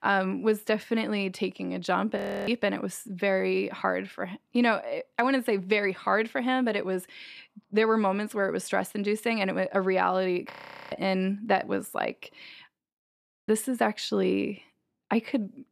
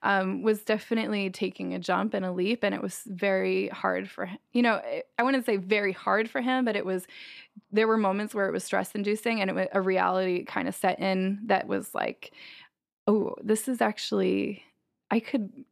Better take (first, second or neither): second